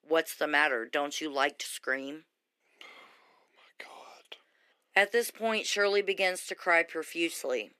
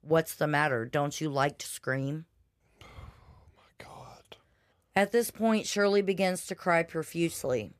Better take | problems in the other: second | thin; somewhat; fading below 250 Hz

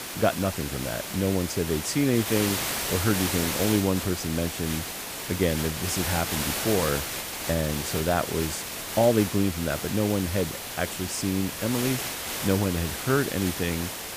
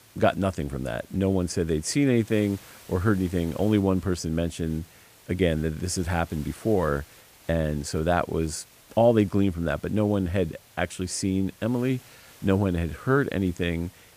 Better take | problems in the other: second | hiss; loud; throughout; 3 dB below the speech; faint in the second

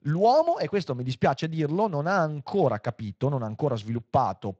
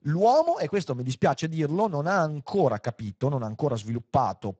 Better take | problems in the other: first | garbled, watery; badly; nothing above 7.5 kHz; slightly in the first

